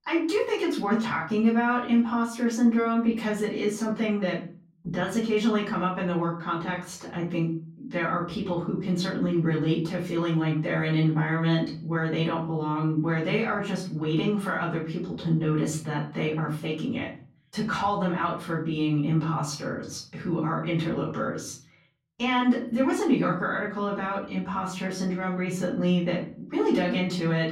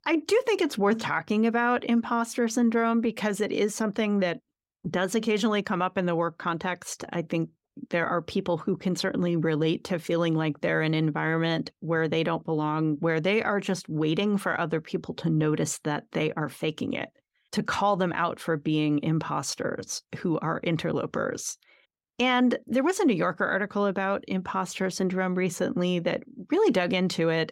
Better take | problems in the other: second | off-mic speech; far // room echo; slight; dies away in 0.5 s

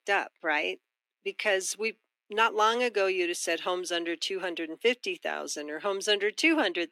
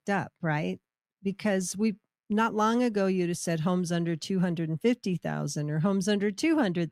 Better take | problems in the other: second | thin; very; fading below 300 Hz

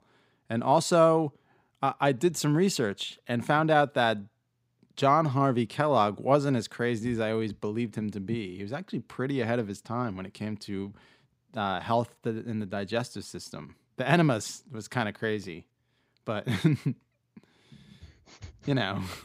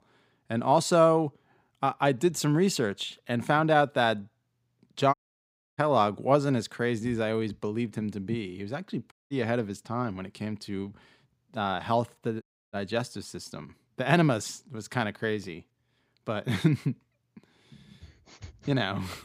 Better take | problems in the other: first | audio cutting out; at 5 s for 0.5 s, at 9 s and at 12 s

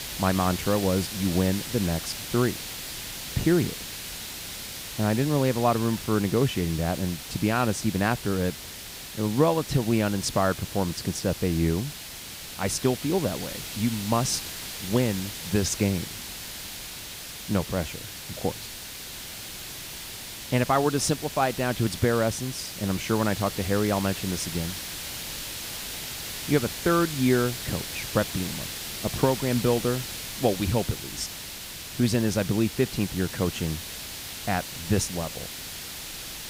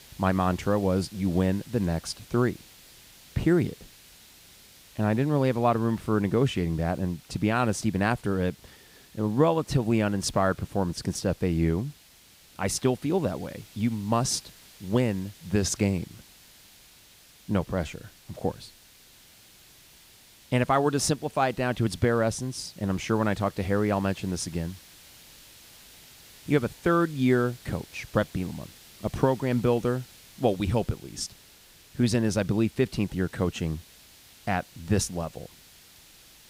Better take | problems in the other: second | hiss; loud; throughout; 8 dB below the speech; faint in the second

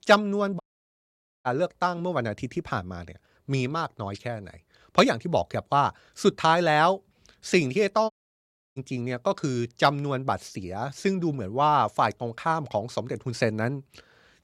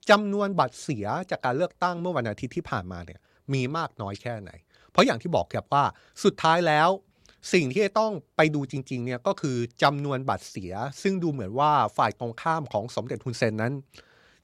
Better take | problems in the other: second | audio cutting out; at 0.5 s for 1 s and at 8 s for 0.5 s

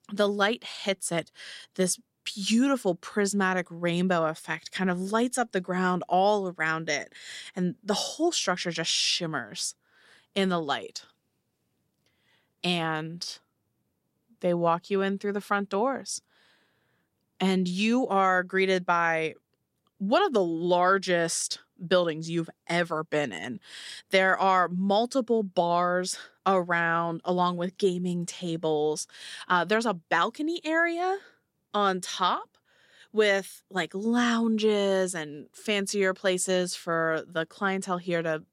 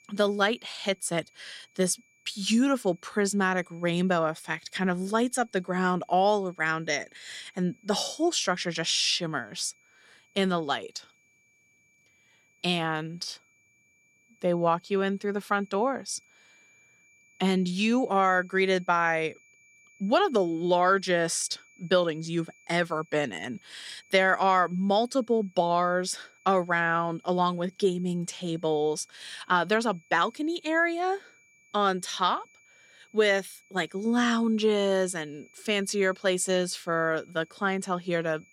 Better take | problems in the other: first | high-pitched whine; faint; throughout; 2.5 kHz, 30 dB below the speech

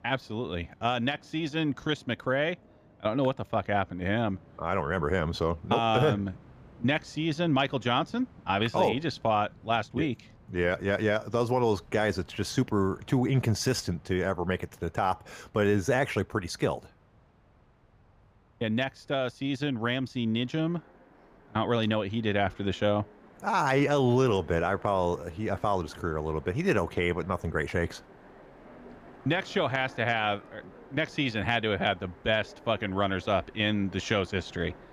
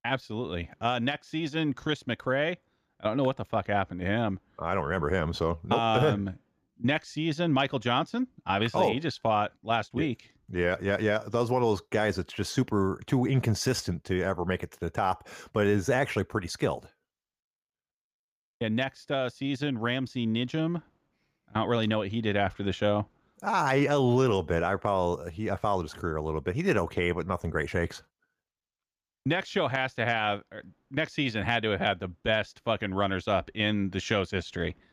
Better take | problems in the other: second | train or aircraft noise; faint; throughout; 25 dB below the speech

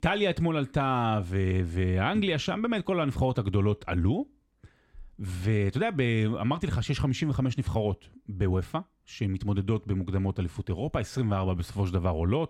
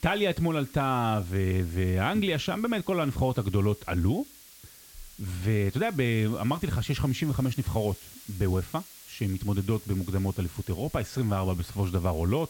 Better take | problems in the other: first | hiss; noticeable; throughout; 20 dB below the speech

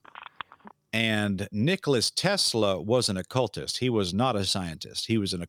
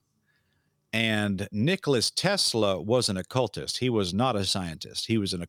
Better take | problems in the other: second | phone ringing; faint; at the start; peak 15 dB below the speech

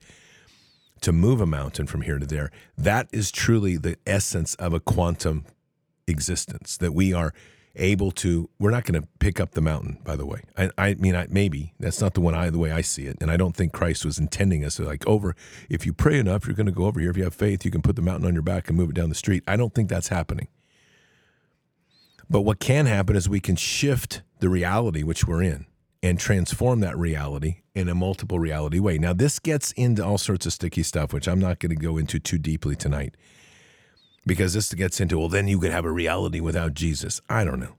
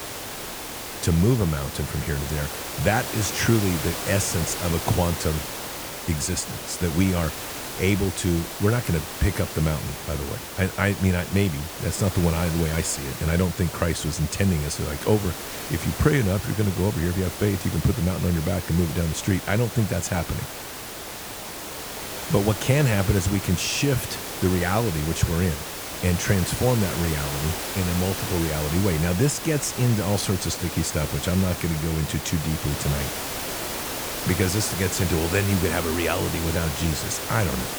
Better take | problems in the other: first | hiss; loud; throughout; 6 dB below the speech

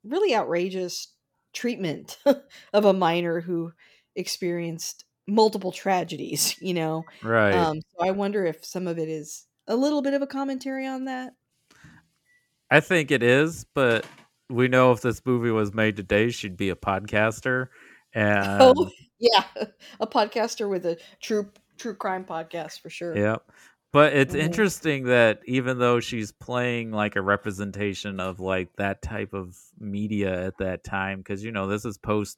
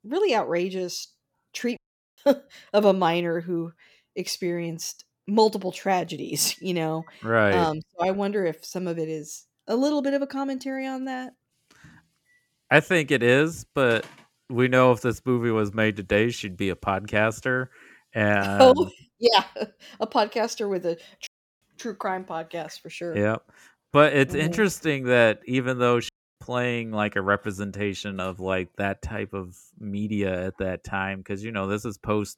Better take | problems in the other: first | audio cutting out; at 2 s, at 21 s and at 26 s

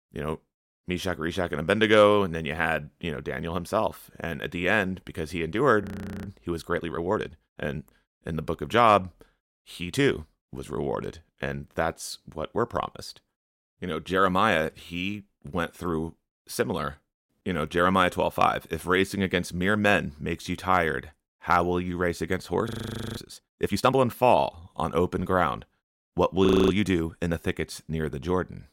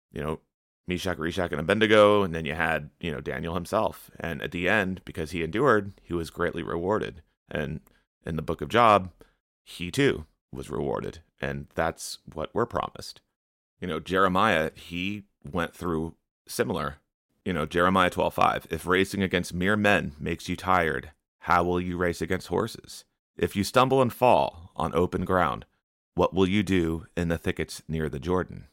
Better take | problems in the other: second | audio freezing; at 6 s, at 23 s and at 26 s

